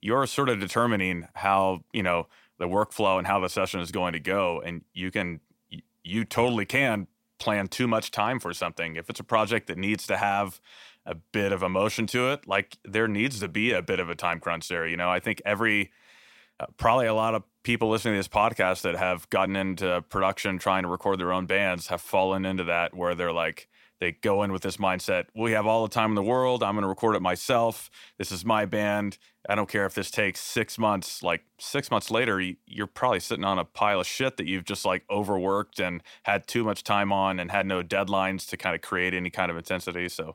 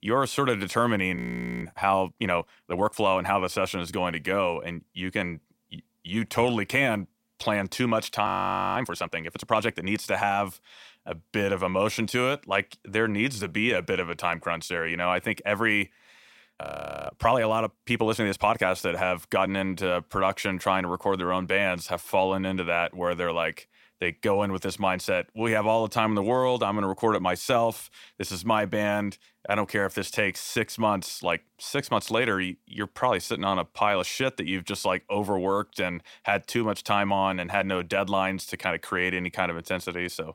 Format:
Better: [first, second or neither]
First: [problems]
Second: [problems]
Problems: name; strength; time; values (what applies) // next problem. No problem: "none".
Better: first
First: none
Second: audio freezing; at 1 s, at 8.5 s and at 17 s